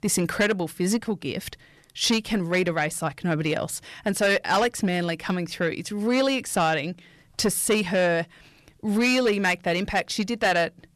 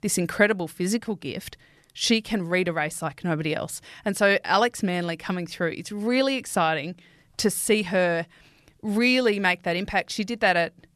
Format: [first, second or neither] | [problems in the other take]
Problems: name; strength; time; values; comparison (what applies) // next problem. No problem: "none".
second | distortion; slight; 10 dB below the speech